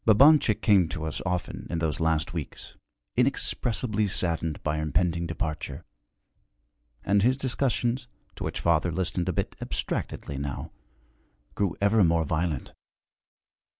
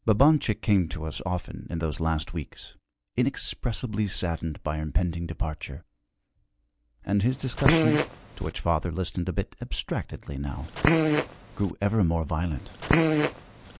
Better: first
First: none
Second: background sound (Fart); 2 dB above the speech

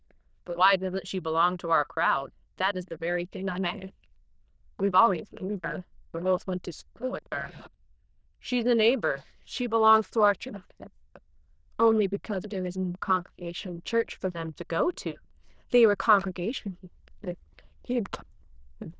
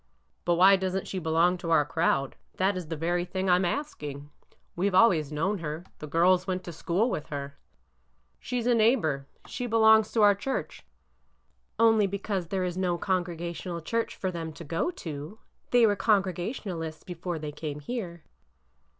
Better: second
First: noise reduction (neural diffusion model UNIVERSE++)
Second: none

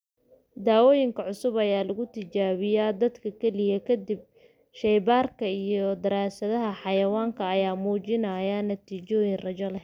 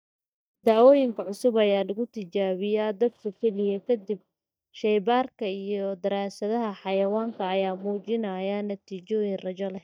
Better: first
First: none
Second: noise reduction (neural mask model DeepFilterNet 3)

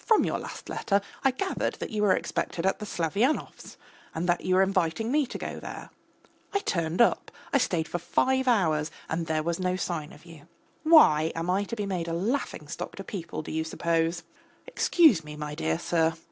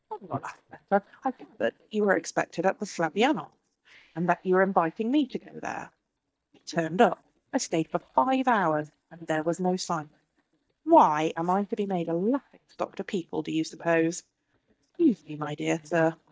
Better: first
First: none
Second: noise reduction (neural mask model DeepFilterNet 3)

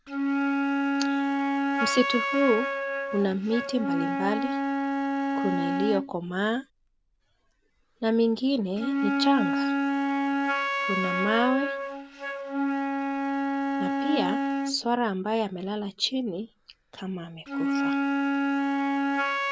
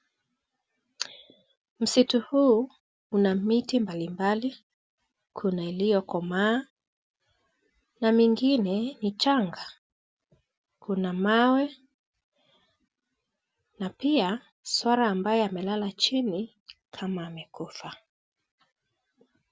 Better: second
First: background sound (Wind instrument, woodwind instrument); 2 dB above the speech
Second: none

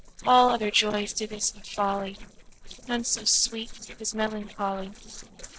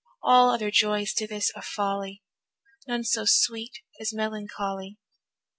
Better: second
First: noise reduction (neural separator model SepFormer DNS4)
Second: none

